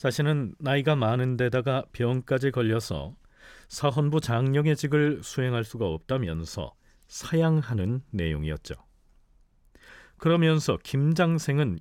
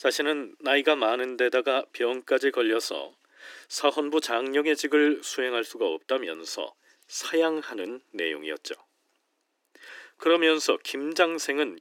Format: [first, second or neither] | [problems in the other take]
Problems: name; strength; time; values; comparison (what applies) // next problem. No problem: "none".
first | thin; somewhat; fading below 300 Hz